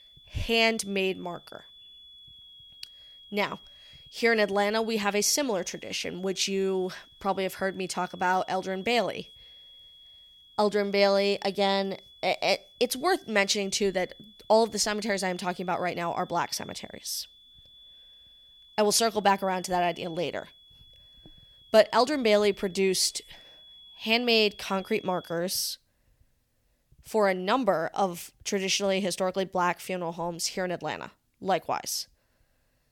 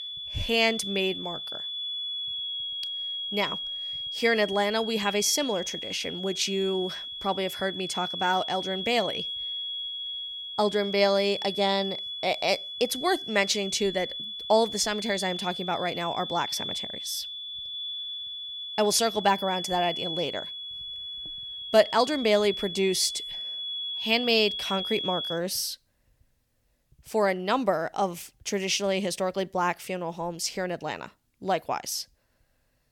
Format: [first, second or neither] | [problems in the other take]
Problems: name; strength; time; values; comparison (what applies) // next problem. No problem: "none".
first | high-pitched whine; loud; until 25 s; 3.5 kHz, 5 dB below the speech; faint in the first